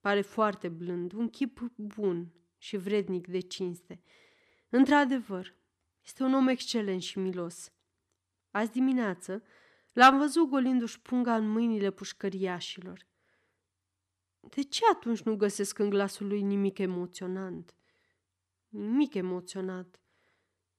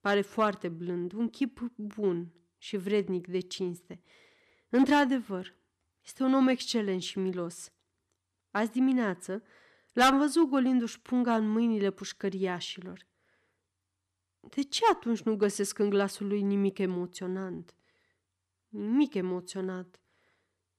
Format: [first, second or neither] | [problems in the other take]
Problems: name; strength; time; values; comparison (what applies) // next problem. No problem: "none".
first | distortion; slight; 0.7% of the sound clipped